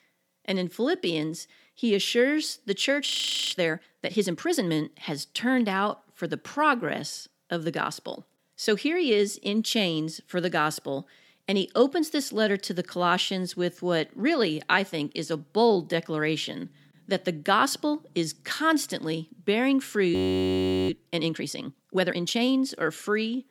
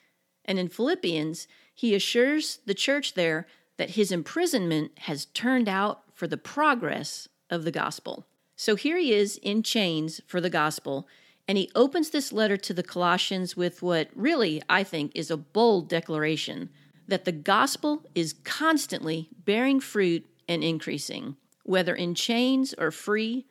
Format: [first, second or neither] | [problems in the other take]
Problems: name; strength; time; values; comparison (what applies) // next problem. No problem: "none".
second | audio freezing; at 3 s and at 20 s for 1 s